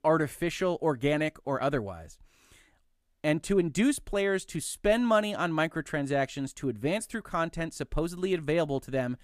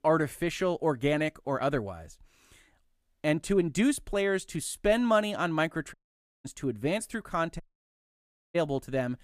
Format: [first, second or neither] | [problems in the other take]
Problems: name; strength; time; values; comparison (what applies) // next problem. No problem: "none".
first | audio cutting out; at 6 s for 0.5 s and at 7.5 s for 1 s